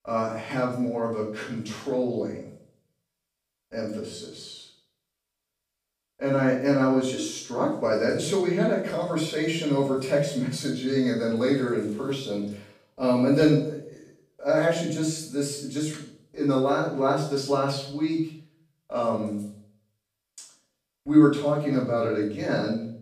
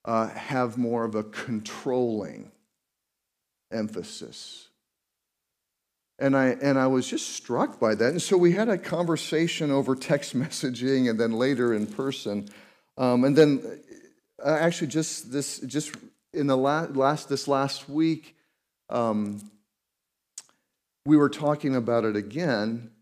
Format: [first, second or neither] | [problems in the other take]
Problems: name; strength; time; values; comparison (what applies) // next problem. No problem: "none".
second | off-mic speech; far // room echo; noticeable; dies away in 0.5 s